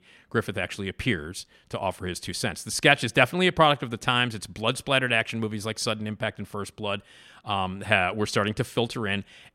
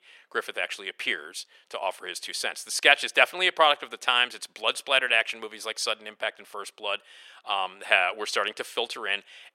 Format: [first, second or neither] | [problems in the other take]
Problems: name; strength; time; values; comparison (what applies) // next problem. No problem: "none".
first | thin; very; fading below 500 Hz